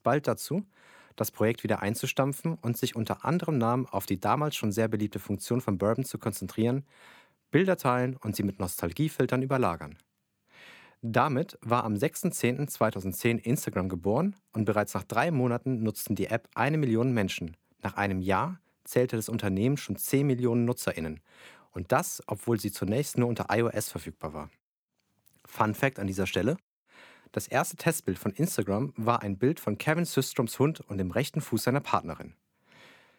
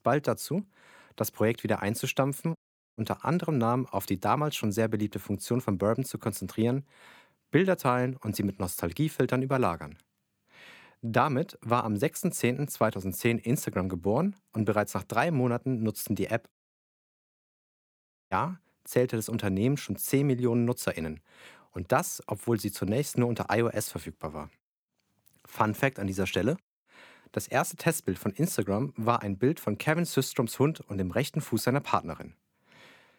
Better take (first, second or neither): first